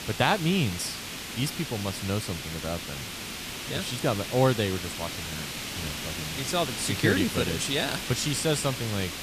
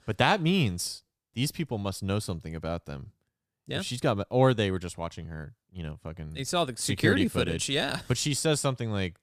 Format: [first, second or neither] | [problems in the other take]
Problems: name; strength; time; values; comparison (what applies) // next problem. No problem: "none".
second | hiss; loud; throughout; 5 dB below the speech